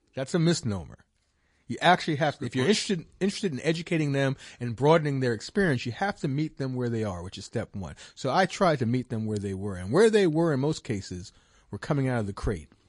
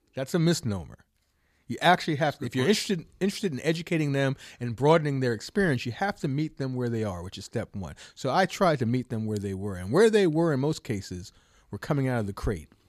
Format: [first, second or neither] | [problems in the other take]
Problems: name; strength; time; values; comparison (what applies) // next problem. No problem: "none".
second | garbled, watery; slightly; nothing above 10.5 kHz